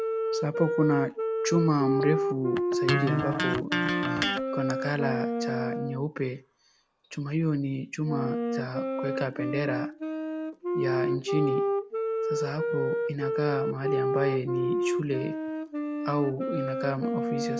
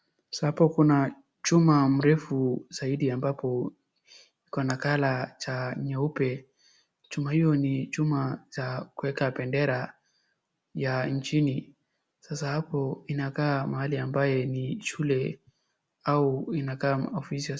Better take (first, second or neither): second